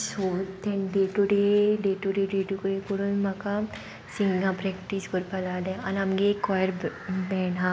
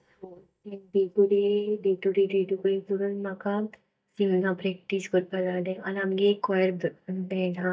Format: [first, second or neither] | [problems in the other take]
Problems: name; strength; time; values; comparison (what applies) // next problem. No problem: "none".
first | noise reduction (neural mask model DeepFilterNet 3)